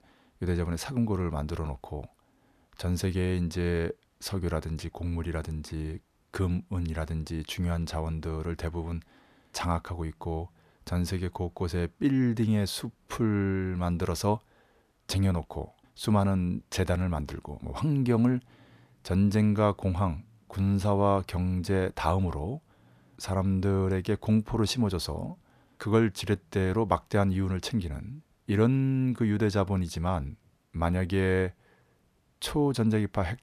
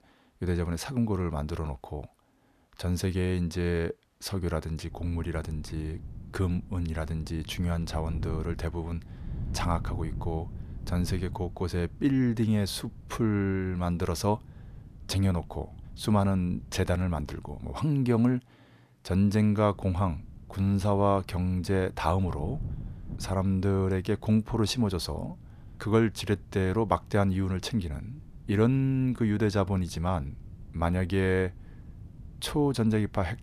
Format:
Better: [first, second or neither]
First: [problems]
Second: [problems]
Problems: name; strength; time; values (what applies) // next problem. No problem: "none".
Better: first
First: none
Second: wind noise on the microphone; occasional gusts; from 5 to 18 s and from 20 s on; 25 dB below the speech